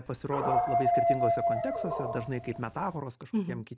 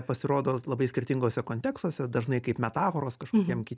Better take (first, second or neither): second